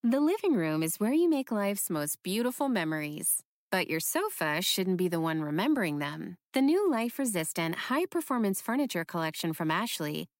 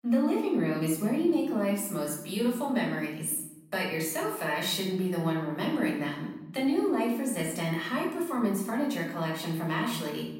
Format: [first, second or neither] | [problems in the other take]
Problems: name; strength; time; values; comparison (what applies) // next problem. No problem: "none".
first | off-mic speech; far // room echo; noticeable; dies away in 0.8 s